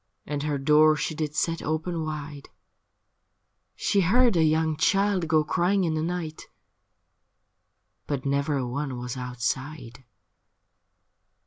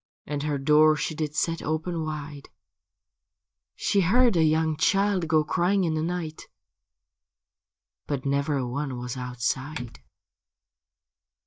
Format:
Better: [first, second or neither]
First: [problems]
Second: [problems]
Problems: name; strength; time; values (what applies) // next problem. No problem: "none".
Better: first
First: none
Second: noise reduction (neural mask model DeepFilterNet 3)